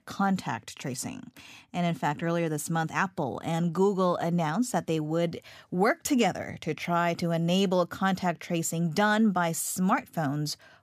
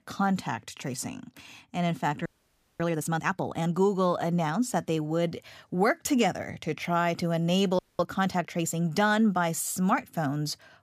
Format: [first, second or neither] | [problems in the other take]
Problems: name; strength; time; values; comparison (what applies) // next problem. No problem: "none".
first | audio freezing; at 2.5 s for 0.5 s and at 8 s